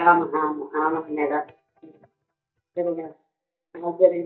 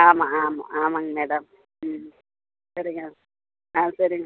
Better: second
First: noise reduction (neural mask model DeepFilterNet 3)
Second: none

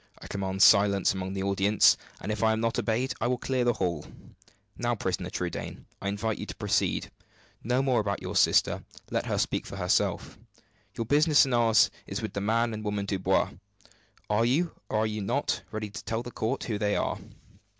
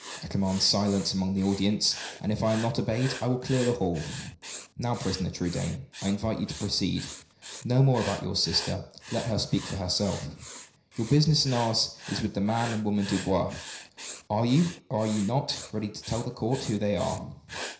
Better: first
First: none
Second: background sound (Writing); 15 dB below the speech // room echo; dies away in 0.5 s

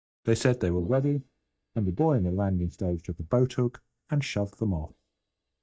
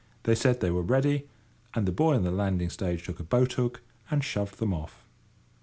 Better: second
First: noise reduction (neural mask model DeepFilterNet 3)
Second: none

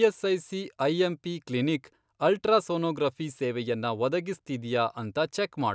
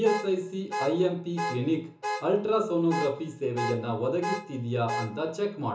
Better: first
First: none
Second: background sound (Alarm / Car); 7 dB below the speech // room echo; dies away in 0.6 s

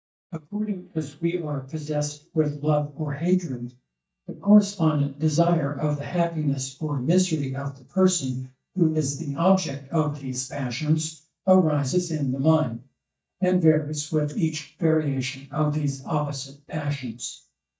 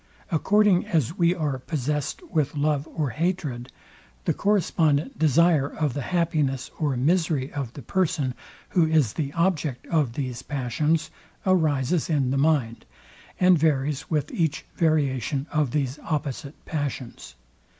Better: second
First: noise reduction (neural mask model DeepFilterNet 3)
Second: none

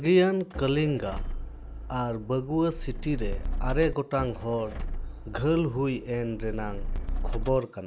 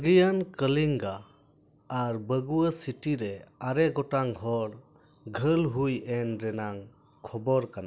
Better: second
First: background sound (Motor vehicle (road)); 4 dB below the speech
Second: none

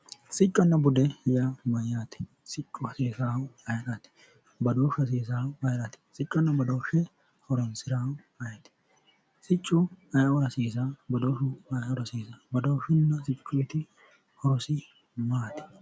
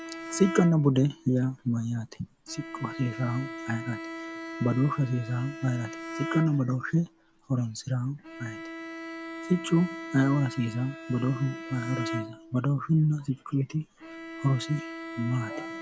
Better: first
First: none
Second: background sound (Bowed string instrument); 11 dB below the speech

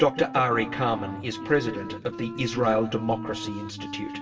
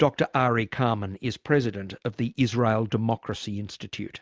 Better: second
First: background sound (Wind instrument, woodwind instrument); 11 dB below the speech // room echo; dies away in 1.3 s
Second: none

